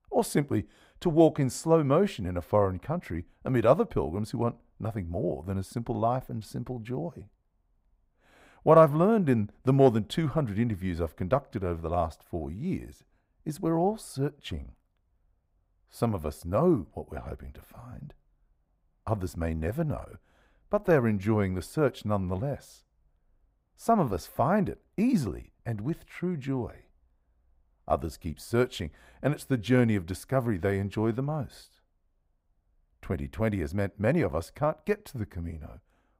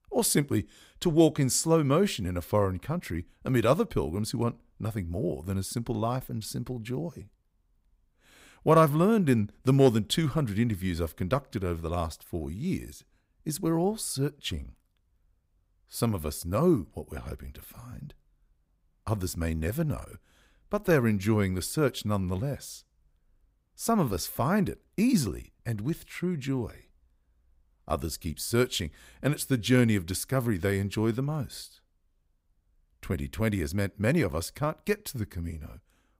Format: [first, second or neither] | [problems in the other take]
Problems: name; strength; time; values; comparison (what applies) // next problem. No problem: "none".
second | muffled; slightly; fading above 3 kHz